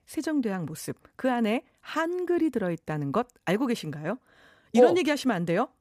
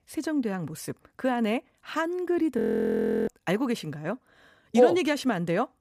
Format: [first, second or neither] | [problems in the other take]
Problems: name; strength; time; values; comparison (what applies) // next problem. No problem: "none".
first | audio freezing; at 2.5 s for 0.5 s